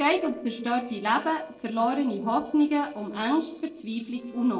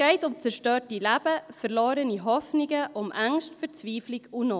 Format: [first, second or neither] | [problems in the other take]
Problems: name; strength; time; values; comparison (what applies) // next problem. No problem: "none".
second | noise reduction (neural separator model SepFormer DNS4)